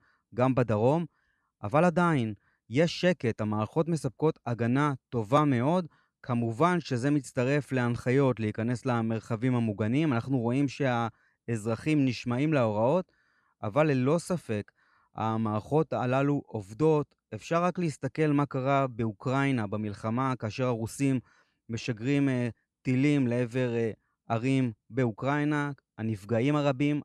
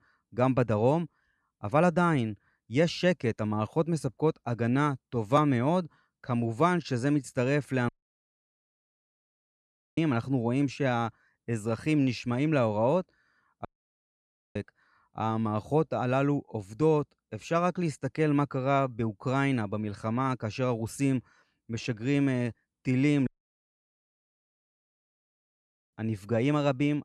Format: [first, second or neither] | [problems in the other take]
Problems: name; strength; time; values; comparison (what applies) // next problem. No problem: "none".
first | audio cutting out; at 8 s for 2 s, at 14 s for 1 s and at 23 s for 2.5 s